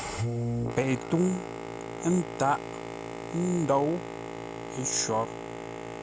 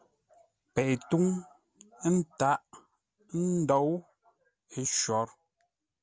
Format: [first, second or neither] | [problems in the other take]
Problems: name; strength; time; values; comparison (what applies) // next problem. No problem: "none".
second | background sound (Boat, Water vehicle); 5 dB below the speech